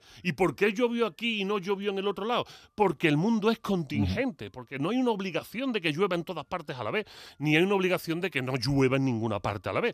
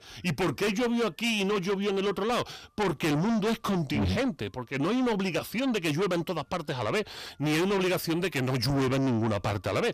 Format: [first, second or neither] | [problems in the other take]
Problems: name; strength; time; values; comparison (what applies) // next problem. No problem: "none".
first | distortion; heavy; 6 dB below the speech